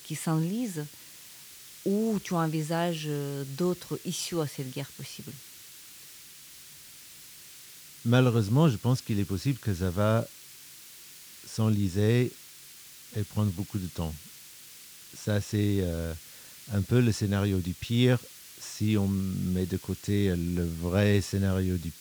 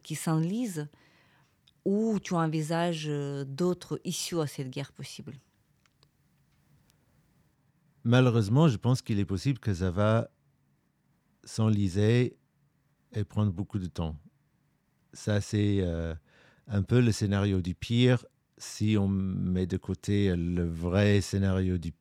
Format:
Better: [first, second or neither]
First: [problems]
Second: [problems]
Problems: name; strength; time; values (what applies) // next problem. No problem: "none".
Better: second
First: hiss; noticeable; throughout; 15 dB below the speech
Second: none